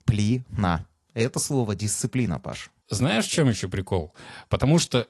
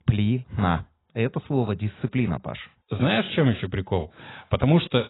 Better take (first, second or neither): first